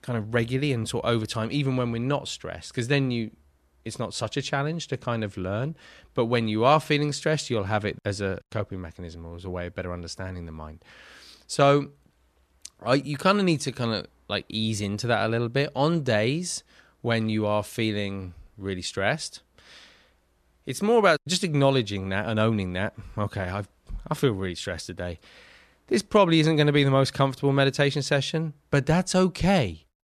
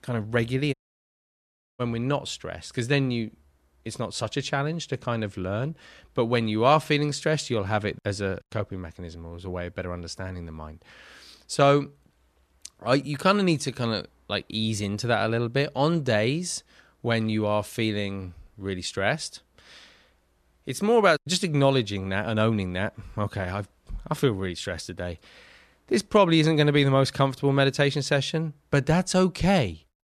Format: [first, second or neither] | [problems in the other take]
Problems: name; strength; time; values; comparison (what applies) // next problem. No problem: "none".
first | audio cutting out; at 0.5 s for 1 s